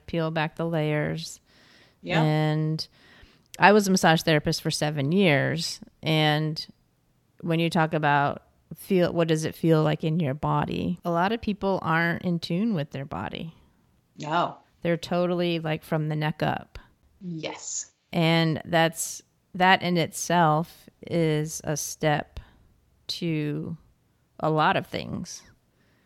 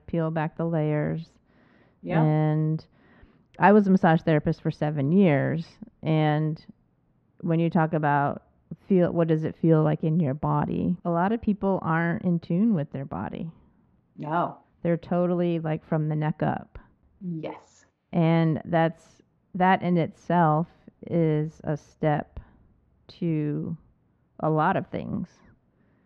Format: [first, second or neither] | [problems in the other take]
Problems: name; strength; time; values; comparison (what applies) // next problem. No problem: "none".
first | muffled; very; fading above 1.5 kHz